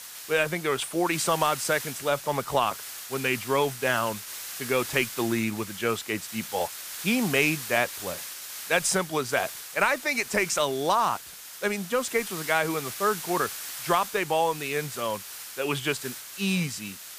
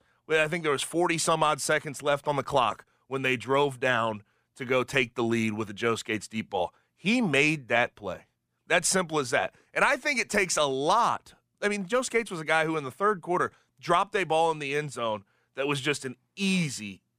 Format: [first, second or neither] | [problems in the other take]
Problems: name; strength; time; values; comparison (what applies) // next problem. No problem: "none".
second | hiss; loud; throughout; 9 dB below the speech